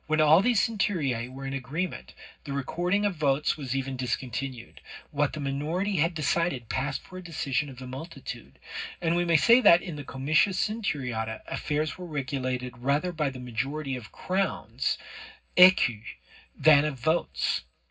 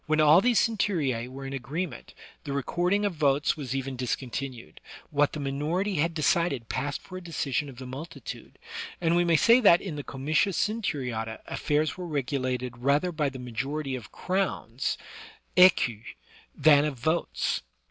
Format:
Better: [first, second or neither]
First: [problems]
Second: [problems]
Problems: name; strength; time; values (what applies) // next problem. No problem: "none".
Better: second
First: room echo; dies away in 0.4 s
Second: none